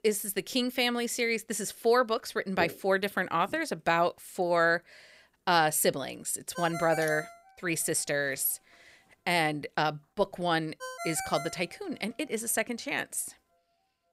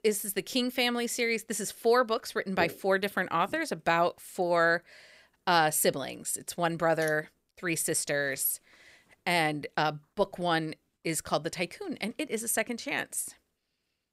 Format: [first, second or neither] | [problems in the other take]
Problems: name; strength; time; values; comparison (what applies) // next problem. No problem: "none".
second | phone ringing; noticeable; from 6.5 to 12 s; peak 8 dB below the speech